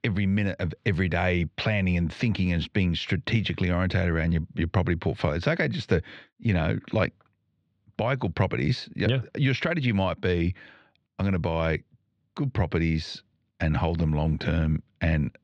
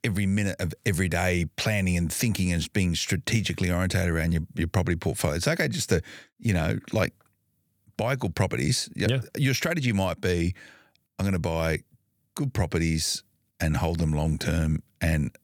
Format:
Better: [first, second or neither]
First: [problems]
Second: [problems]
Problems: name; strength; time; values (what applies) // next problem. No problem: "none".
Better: second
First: muffled; slightly; fading above 3.5 kHz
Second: none